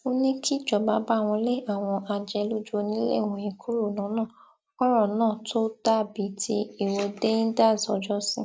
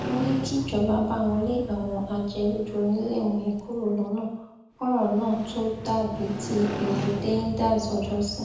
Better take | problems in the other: first | background sound (Motorcycle); 9 dB below the speech // room echo; dies away in 0.8 s

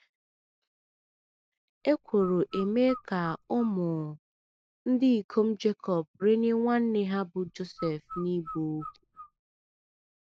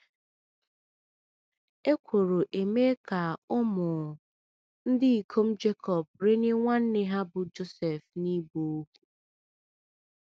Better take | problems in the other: second | background sound (Bird); 15 dB below the speech

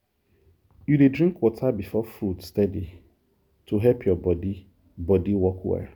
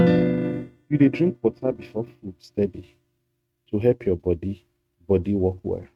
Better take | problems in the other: first | noise reduction (neural mask model RNNoise)

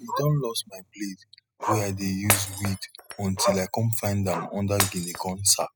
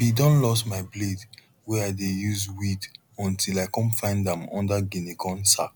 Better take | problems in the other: second | noise reduction (classical method spectral subtraction)

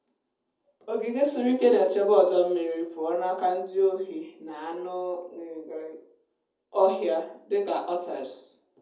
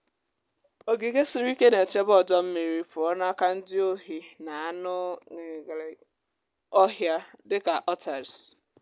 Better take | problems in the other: second | room echo; dies away in 0.5 s

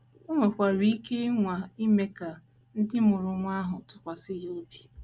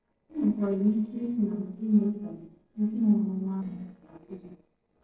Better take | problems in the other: first | noise reduction (neural separator model SepFormer DNS4)

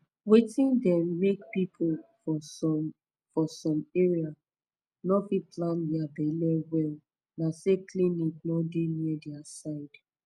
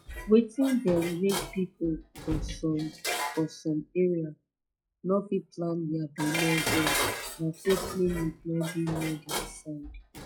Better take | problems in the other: first | noise reduction (classical method log-MMSE)

